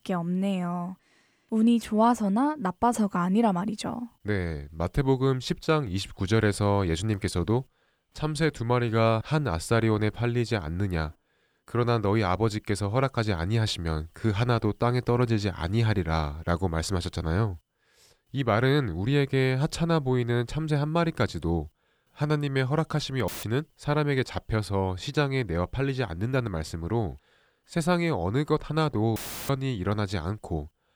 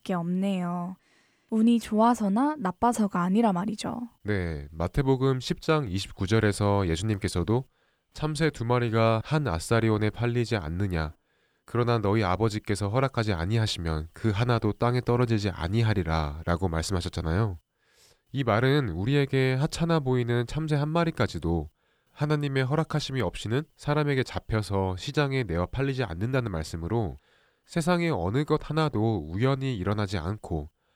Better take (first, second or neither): second